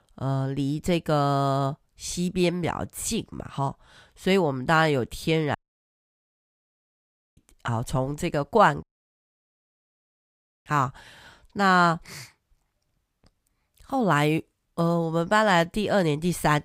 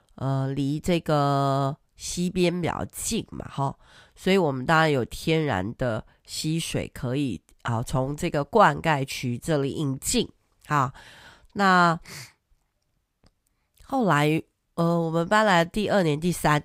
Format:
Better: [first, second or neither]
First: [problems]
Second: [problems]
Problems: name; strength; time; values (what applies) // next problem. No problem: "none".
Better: second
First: audio cutting out; at 5.5 s for 2 s and at 9 s for 2 s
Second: none